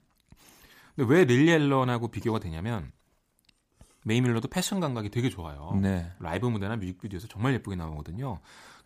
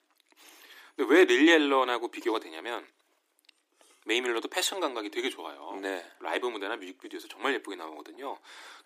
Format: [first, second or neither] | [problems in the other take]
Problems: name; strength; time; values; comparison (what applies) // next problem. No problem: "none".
first | thin; somewhat; fading below 300 Hz